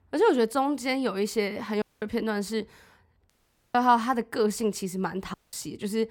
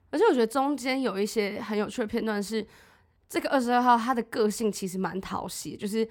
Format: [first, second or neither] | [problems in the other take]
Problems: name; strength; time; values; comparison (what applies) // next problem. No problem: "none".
second | audio cutting out; at 2 s, at 3.5 s and at 5.5 s